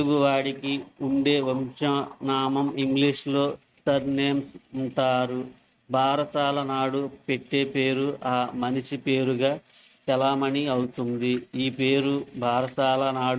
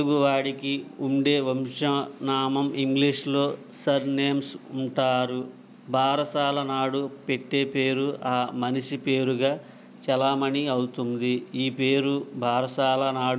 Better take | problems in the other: second | noise reduction (neural mask model RNNoise)

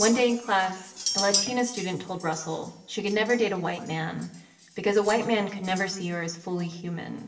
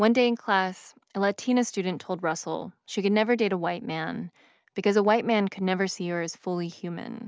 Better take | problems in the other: second | background sound (Chink, clink); 9 dB below the speech // room echo; dies away in 0.7 s

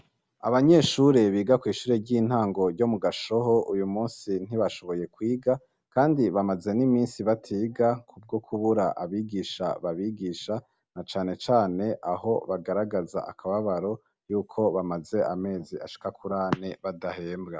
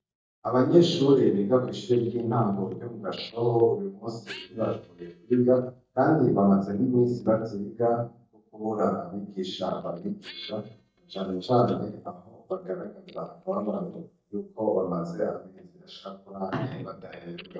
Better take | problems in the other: first | noise reduction (neural mask model DeepFilterNet 3)

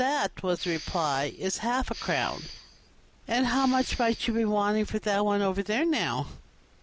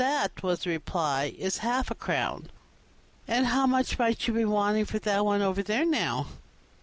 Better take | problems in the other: second | background sound (Respiratory sounds); 15 dB below the speech

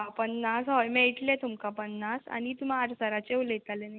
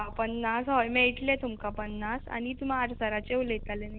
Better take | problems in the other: first | background sound (Purr); 13 dB below the speech

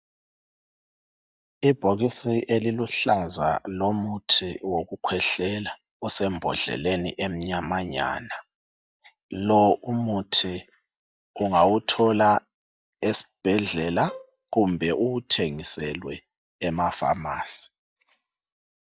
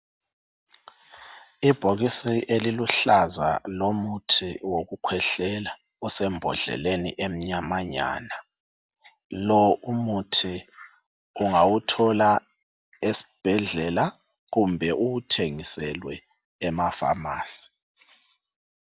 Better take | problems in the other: second | noise reduction (neural mask model DeepFilterNet 3)

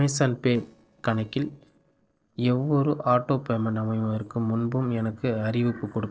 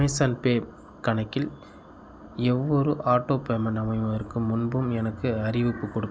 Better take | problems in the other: second | noise reduction (neural separator model SepFormer DNS4)

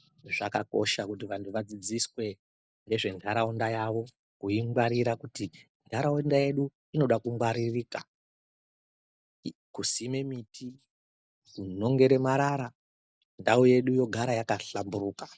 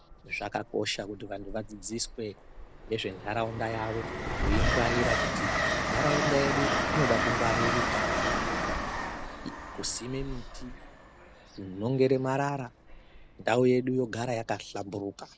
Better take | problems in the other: first | background sound (Train); as loud as the speech

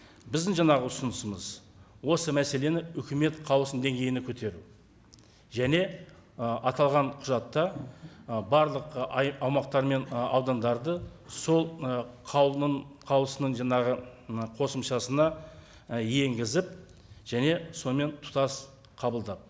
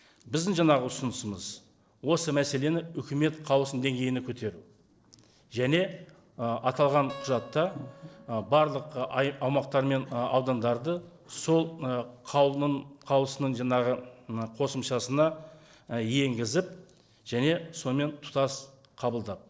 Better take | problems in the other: first | noise reduction (neural separator model SepFormer DNS4)

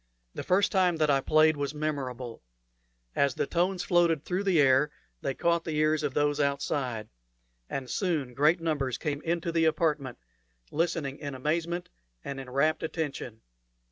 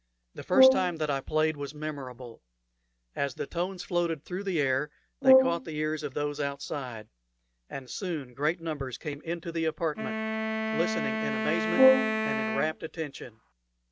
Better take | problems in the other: first | background sound (Wind instrument, woodwind instrument + Brass instrument); 4 dB above the speech

